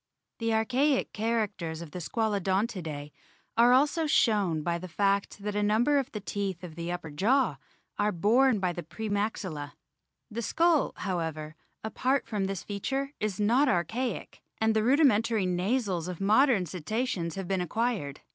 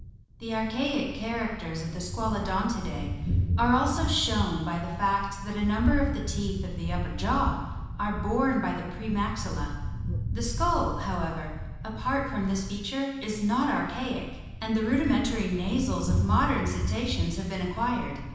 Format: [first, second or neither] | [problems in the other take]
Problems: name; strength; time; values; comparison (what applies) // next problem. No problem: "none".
first | background sound (Thunder); 3 dB below the speech // room echo; dies away in 1.1 s